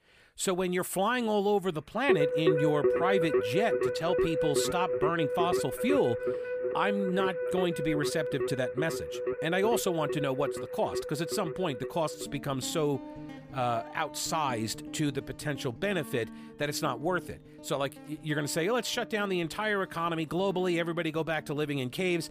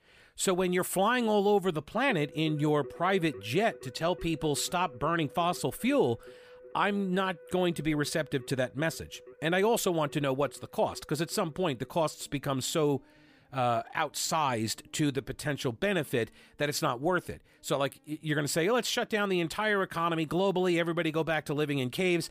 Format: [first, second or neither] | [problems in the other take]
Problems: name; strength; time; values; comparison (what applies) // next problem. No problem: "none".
second | background music; loud; throughout; 1 dB below the speech; faint in the second